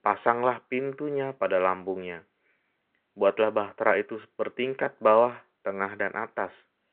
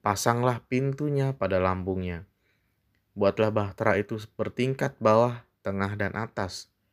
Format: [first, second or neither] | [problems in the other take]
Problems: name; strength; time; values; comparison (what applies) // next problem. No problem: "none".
second | phone-call audio